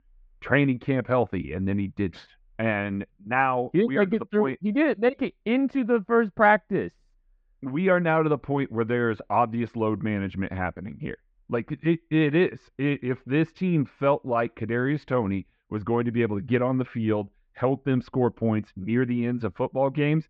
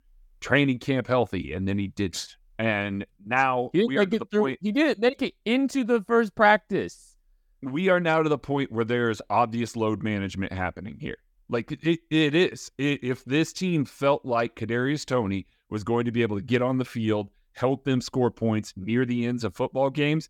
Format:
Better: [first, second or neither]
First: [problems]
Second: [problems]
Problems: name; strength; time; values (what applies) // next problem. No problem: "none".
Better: second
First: muffled; very; fading above 2.5 kHz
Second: none